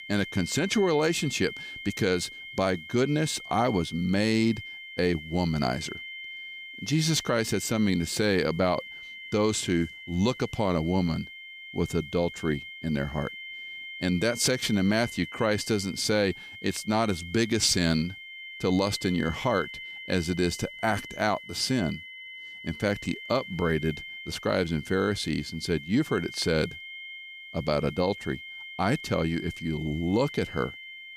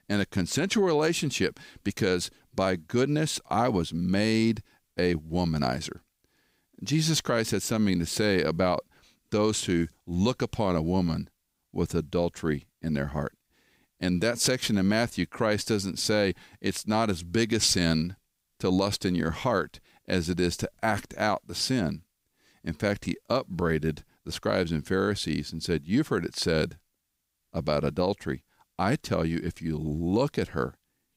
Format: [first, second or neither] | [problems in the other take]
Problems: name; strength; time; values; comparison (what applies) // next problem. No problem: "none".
second | high-pitched whine; noticeable; throughout; 2 kHz, 10 dB below the speech